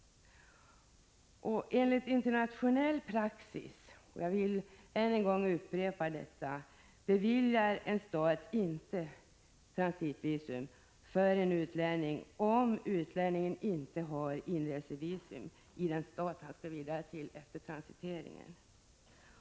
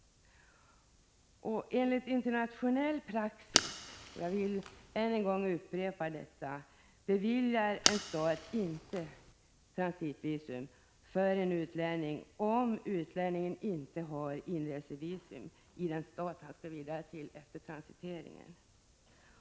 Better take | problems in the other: first | background sound (Fire); as loud as the speech

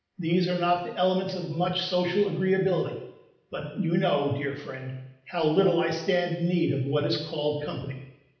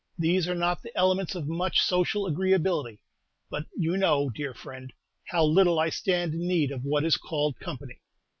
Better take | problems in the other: second | room echo; dies away in 0.8 s

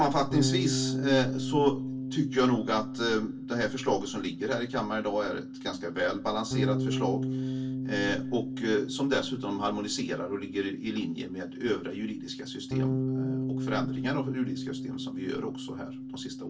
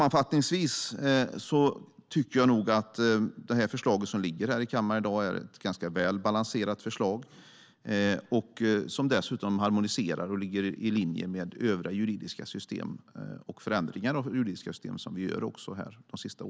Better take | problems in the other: second | background sound (Bass guitar); 3 dB below the speech // room echo; dies away in 0.2 s

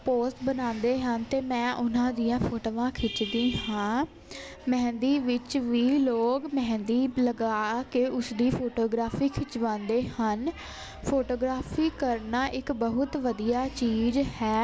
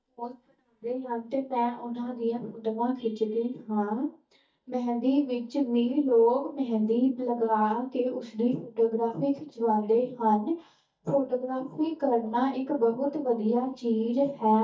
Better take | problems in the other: first | noise reduction (neural mask model DeepFilterNet 3)

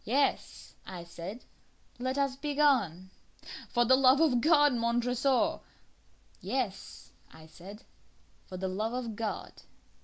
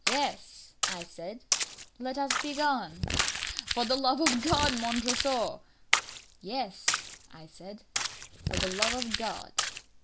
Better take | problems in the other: first | background sound (Splash, splatter + Crumpling, crinkling); as loud as the speech

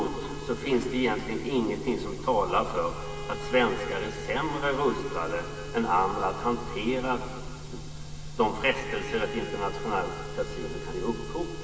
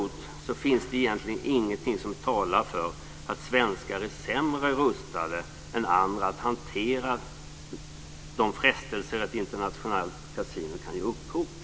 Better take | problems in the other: second | background sound (Bowed string instrument); 13 dB below the speech // room echo; dies away in 2.3 s

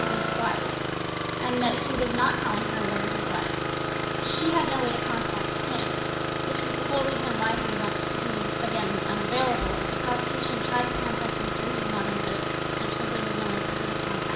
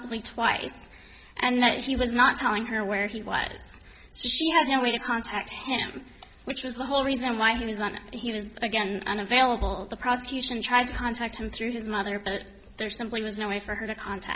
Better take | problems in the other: second | background sound (Engine starting); 3 dB above the speech // room echo; dies away in 1.6 s

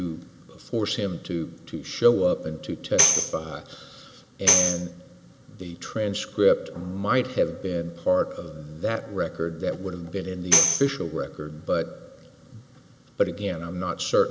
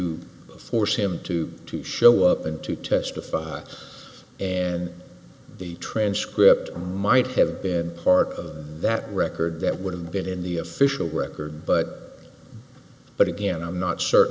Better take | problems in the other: second | background sound (Tambourine); 2 dB above the speech

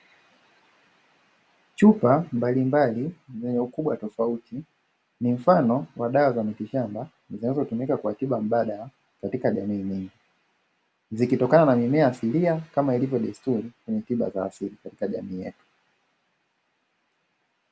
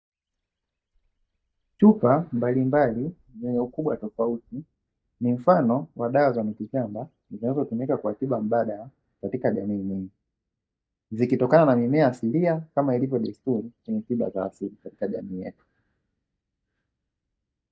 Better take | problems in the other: first | noise reduction (neural mask model DeepFilterNet 3)

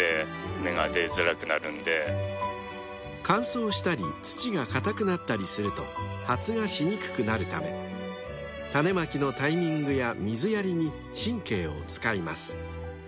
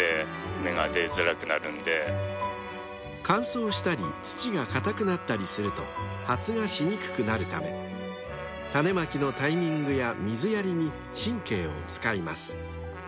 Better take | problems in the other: first | background sound (Trumpet); 16 dB below the speech

